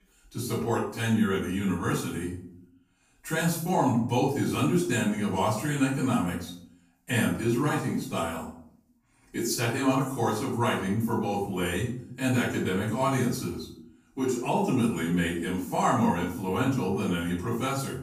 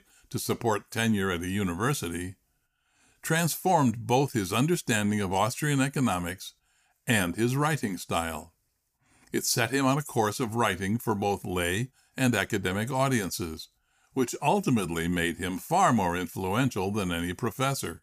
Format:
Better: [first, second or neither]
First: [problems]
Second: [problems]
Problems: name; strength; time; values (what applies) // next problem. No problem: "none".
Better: second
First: off-mic speech; far // room echo; noticeable; dies away in 0.5 s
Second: none